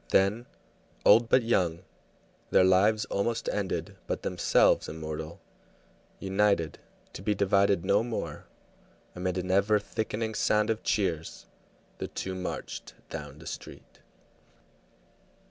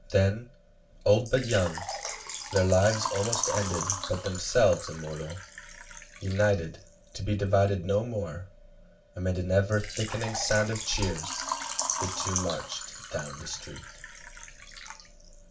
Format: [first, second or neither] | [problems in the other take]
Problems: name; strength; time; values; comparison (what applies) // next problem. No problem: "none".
first | background sound (Water / Liquid); 8 dB below the speech // room echo; dies away in 0.2 s